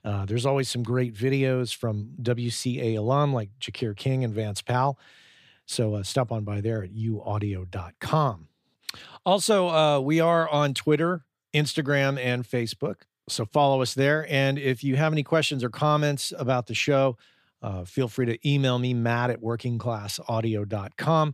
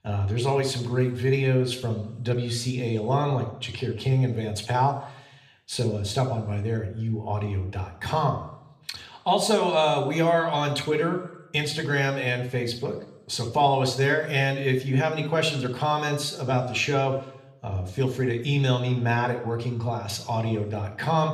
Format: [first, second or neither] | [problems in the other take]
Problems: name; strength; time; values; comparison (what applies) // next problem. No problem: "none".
first | room echo; slight; dies away in 0.6 s